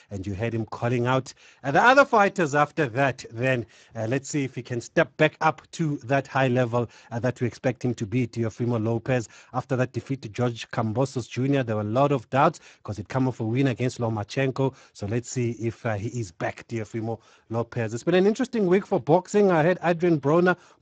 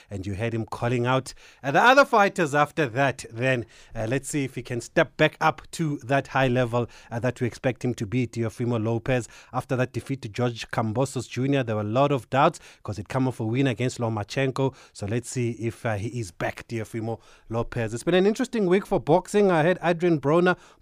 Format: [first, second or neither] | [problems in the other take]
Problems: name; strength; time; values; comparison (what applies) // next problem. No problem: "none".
second | garbled, watery; badly; nothing above 7.5 kHz